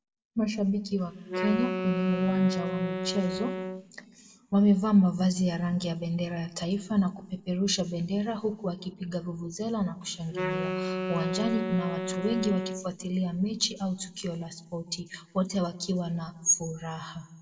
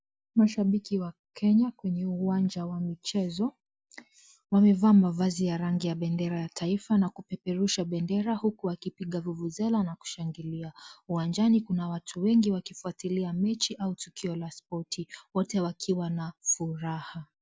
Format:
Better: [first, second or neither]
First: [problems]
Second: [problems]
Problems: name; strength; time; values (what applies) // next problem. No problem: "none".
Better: second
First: background sound (Wind instrument, woodwind instrument); 4 dB below the speech // room echo; dies away in 0.9 s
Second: none